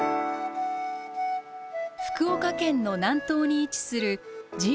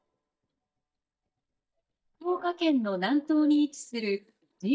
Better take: first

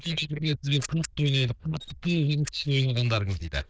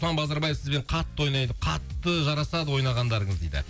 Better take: second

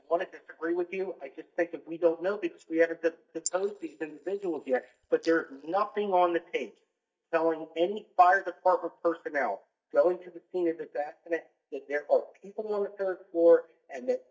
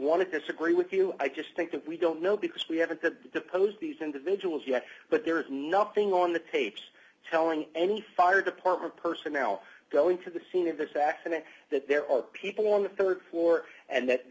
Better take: second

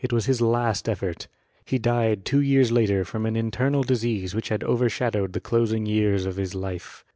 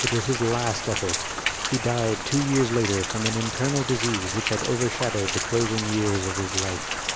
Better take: first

